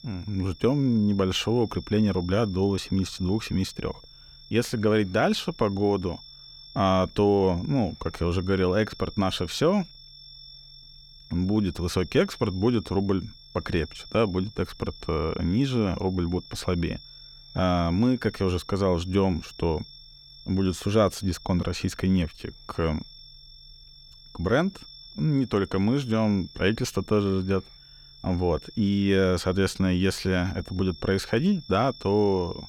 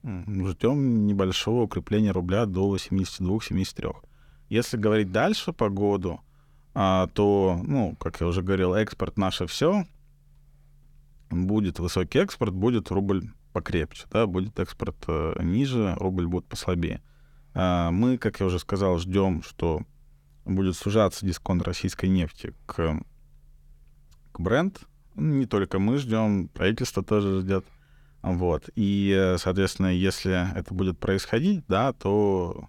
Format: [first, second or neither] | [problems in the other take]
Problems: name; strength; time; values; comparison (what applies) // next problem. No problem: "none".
second | high-pitched whine; noticeable; throughout; 5.5 kHz, 20 dB below the speech